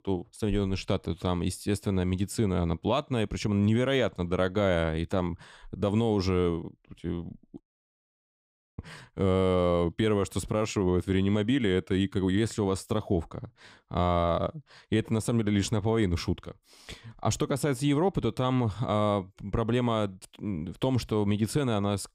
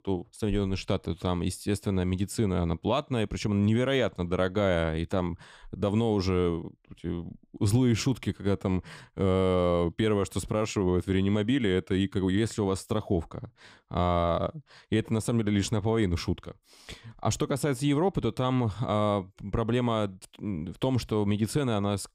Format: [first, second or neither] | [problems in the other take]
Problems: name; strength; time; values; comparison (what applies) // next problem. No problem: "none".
second | audio cutting out; at 7.5 s for 1 s